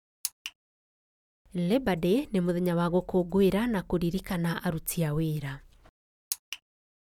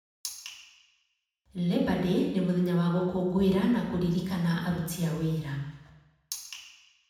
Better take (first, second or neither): first